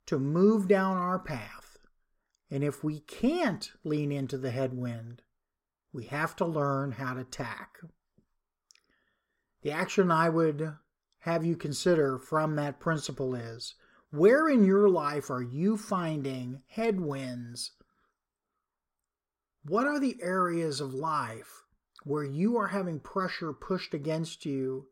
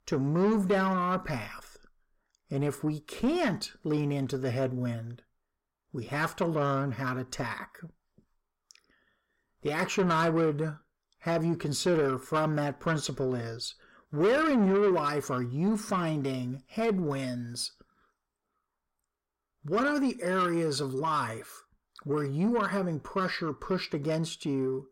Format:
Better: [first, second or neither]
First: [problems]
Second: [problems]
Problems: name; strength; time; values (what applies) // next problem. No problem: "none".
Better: first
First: none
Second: distortion; slight; 10 dB below the speech